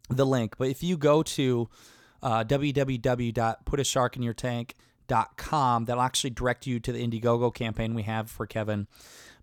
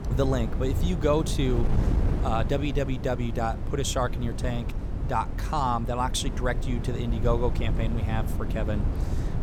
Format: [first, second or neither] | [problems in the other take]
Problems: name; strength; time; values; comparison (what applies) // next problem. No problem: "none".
first | wind noise on the microphone; occasional gusts; 10 dB below the speech